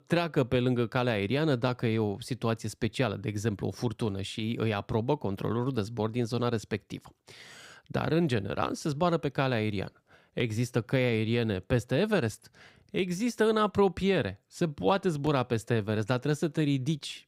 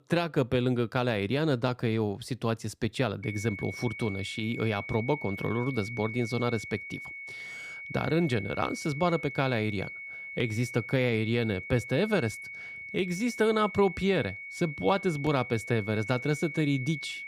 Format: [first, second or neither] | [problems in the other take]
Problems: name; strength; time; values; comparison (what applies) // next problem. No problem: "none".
first | high-pitched whine; loud; from 3 s on; 2 kHz, 9 dB below the speech